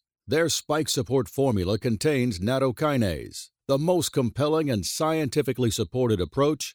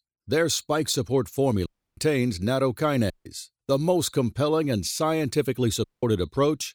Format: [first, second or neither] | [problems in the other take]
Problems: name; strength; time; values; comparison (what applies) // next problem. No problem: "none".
first | audio cutting out; at 1.5 s, at 3 s and at 6 s